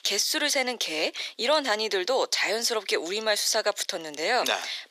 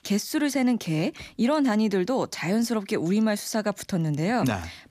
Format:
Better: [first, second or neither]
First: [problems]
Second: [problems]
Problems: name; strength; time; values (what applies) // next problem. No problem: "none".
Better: second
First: thin; very; fading below 450 Hz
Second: none